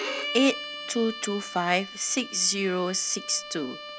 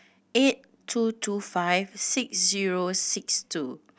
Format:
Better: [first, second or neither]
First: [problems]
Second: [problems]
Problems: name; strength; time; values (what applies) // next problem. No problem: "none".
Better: second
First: background sound (Bowed string instrument); 9 dB below the speech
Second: none